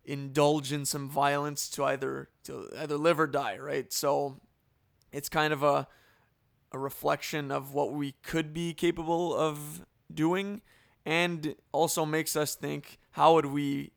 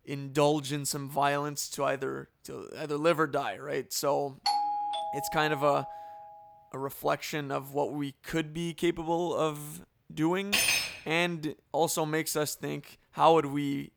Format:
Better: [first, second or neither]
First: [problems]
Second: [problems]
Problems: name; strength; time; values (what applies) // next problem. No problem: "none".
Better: first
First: none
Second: doorbell; loud; from 4.5 to 6 s; peak 1 dB above the speech // clattering dishes; loud; at 11 s; peak 6 dB above the speech